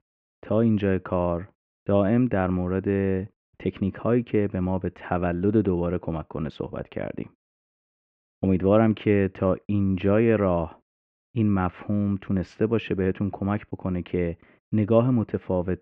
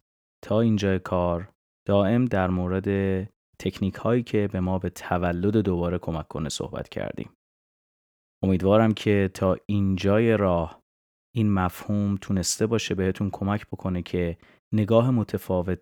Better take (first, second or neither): second